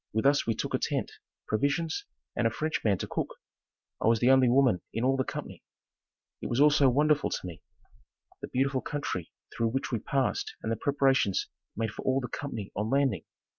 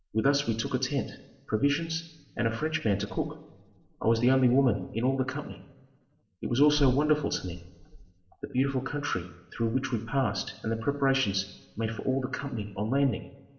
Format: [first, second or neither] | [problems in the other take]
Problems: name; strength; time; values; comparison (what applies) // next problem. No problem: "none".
first | room echo; dies away in 1.2 s